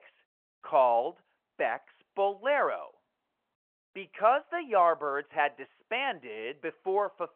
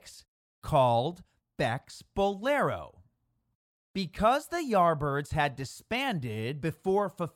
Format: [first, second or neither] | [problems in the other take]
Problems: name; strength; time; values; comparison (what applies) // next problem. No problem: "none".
second | phone-call audio